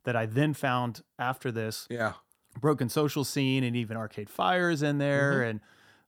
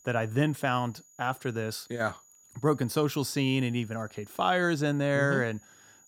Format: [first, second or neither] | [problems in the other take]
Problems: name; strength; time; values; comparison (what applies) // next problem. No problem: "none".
first | high-pitched whine; faint; throughout; 7 kHz, 25 dB below the speech